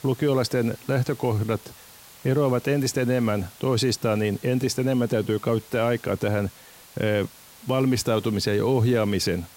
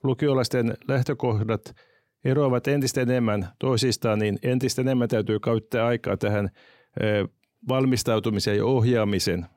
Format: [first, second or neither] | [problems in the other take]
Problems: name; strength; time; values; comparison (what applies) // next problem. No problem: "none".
second | hiss; faint; throughout; 20 dB below the speech